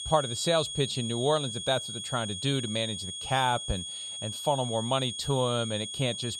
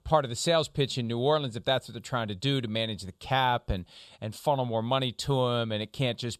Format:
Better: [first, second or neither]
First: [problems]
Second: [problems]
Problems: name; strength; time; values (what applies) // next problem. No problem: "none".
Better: second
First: high-pitched whine; loud; throughout; 3.5 kHz, 5 dB below the speech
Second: none